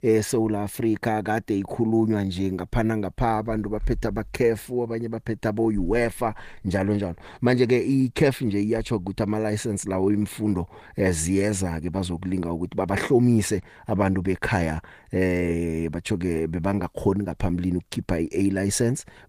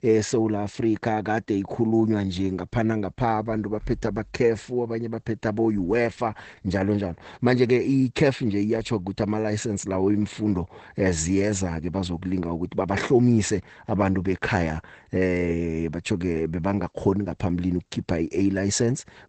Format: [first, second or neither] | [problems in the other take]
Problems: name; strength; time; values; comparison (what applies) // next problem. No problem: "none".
first | garbled, watery; badly; nothing above 8 kHz; slightly in the first